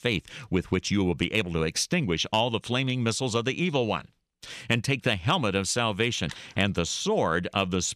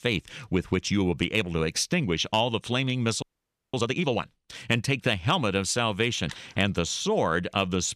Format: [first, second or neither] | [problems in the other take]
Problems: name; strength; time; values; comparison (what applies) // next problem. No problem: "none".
first | audio freezing; at 3 s for 0.5 s